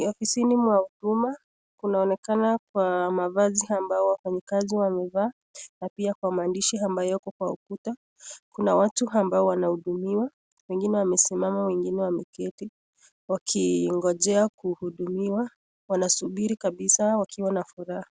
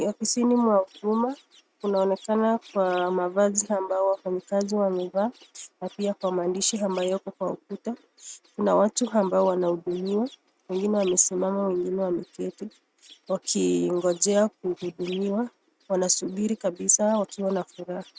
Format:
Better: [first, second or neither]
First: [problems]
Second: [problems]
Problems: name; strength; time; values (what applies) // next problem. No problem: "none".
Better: first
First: none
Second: noise reduction (neural mask model RNNoise)